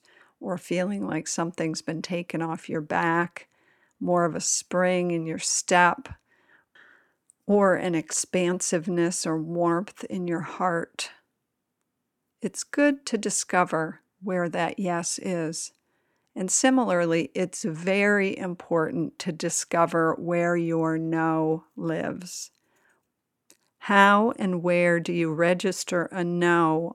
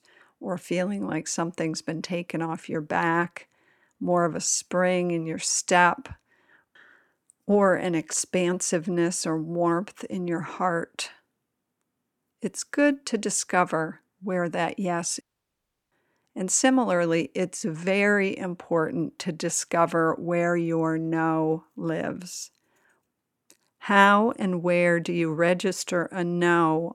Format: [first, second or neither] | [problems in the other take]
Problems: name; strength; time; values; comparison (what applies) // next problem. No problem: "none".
first | audio cutting out; at 15 s for 0.5 s